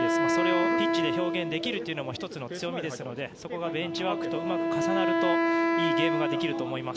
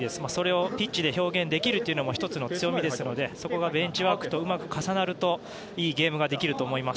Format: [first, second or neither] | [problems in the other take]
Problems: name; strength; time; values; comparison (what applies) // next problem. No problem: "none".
second | background sound (Wind instrument, woodwind instrument); 5 dB above the speech